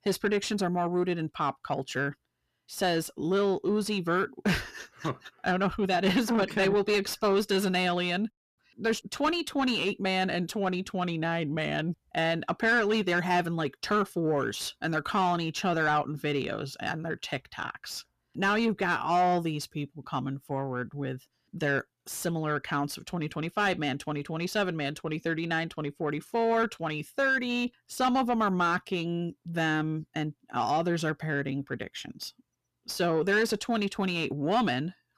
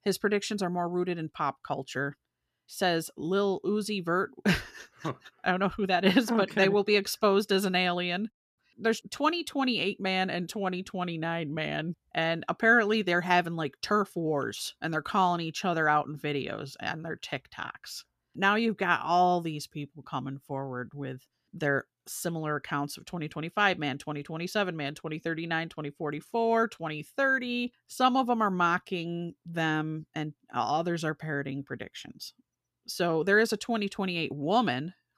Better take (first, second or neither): second